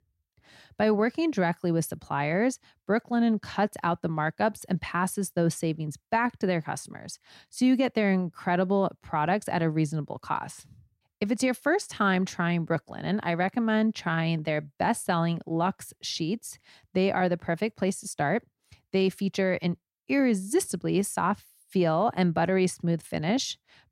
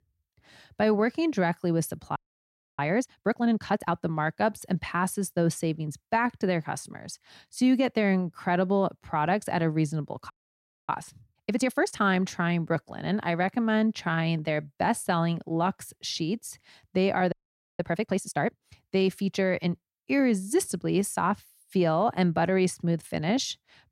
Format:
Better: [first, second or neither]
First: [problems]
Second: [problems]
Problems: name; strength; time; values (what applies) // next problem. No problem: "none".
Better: first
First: none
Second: audio freezing; at 2 s for 0.5 s, at 10 s for 0.5 s and at 17 s